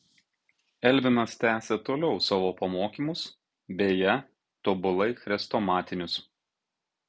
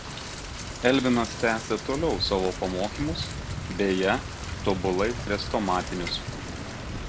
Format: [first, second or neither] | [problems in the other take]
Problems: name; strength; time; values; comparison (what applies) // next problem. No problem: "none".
first | background sound (Rain + Rain); 7 dB below the speech